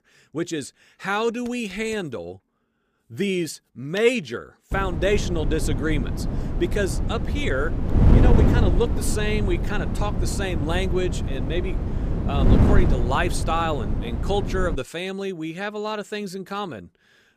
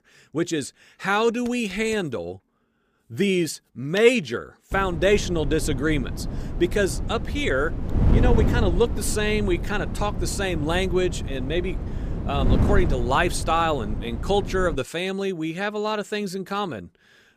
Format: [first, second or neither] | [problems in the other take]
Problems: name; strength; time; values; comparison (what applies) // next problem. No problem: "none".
second | wind noise on the microphone; heavy; from 4.5 to 15 s; 5 dB below the speech; occasional gusts in the second